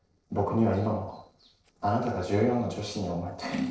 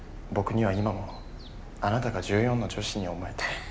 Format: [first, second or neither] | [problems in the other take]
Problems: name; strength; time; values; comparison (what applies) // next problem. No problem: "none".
second | noise reduction (neural separator model SepFormer DNS4)